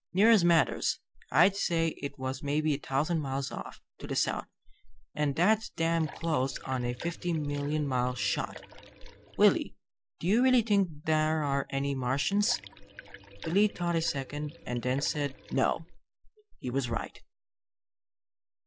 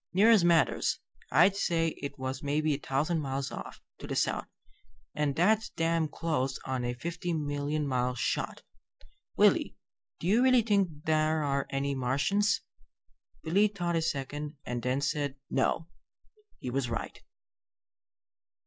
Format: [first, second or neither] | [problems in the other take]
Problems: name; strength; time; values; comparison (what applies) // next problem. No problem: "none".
second | background sound (Liquid); 18 dB below the speech